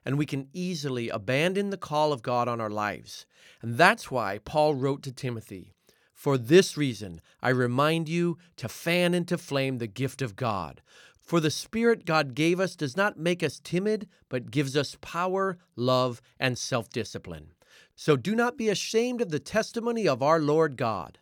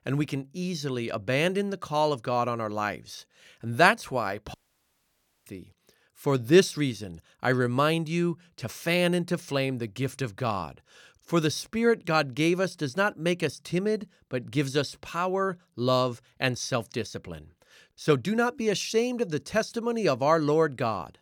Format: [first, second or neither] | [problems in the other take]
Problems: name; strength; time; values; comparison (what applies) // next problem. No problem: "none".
first | audio cutting out; at 4.5 s for 1 s